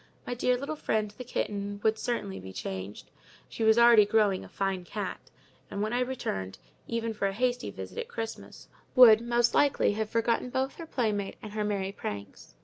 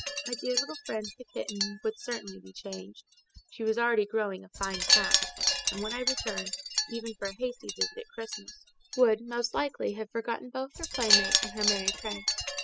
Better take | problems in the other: first | noise reduction (classical method spectral subtraction)

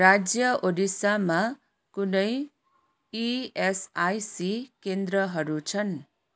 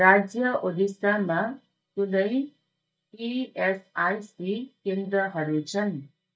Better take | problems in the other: first | noise reduction (neural mask model DeepFilterNet 3)

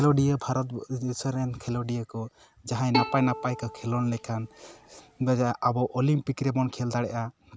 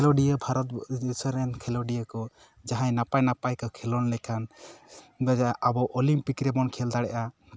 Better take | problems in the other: second | background sound (Bowed string instrument); 7 dB below the speech

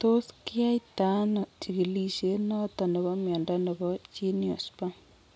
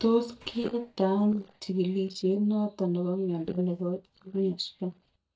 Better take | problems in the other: first | noise reduction (neural mask model DeepFilterNet 3)

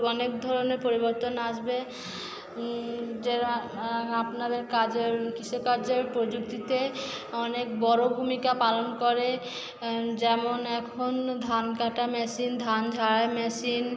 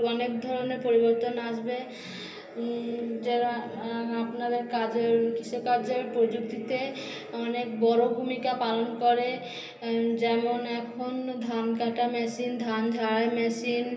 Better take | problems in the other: first | room echo; dies away in 0.3 s

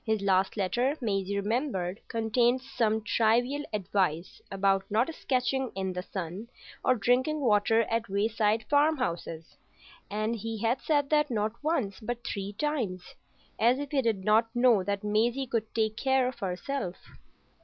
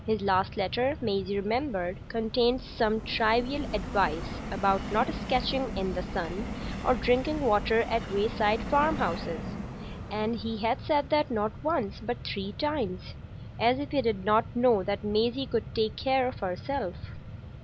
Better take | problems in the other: first | background sound (Mechanisms + Subway, metro, underground); 9 dB below the speech

